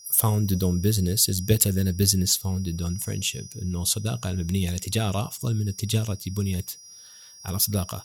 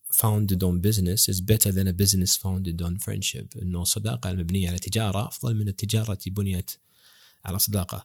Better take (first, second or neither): second